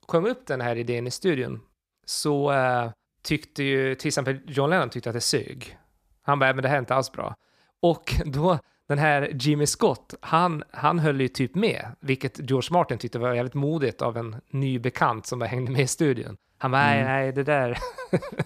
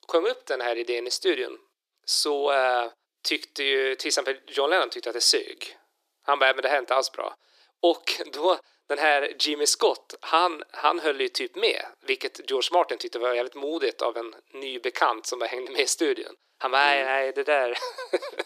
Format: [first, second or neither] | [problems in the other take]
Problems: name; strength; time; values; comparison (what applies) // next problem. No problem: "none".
first | thin; very; fading below 350 Hz